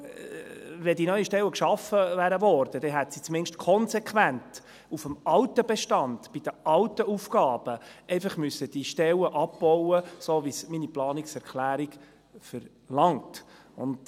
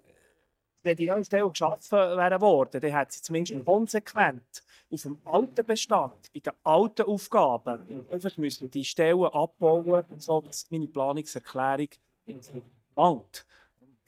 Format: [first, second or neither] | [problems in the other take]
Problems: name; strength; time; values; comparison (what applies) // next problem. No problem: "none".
first | noise reduction (neural mask model DeepFilterNet 3)